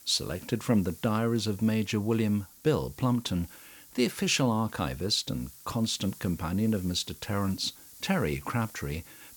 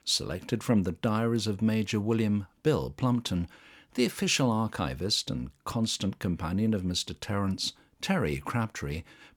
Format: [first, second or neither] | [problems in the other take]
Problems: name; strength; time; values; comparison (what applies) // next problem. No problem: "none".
second | hiss; noticeable; throughout; 20 dB below the speech